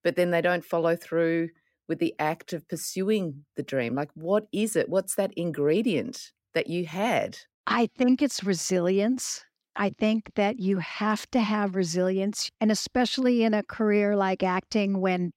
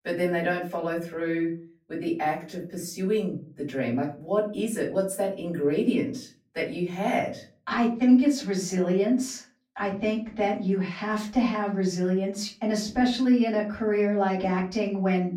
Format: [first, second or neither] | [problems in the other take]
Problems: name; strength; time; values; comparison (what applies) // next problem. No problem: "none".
first | off-mic speech; far // room echo; slight; dies away in 0.3 s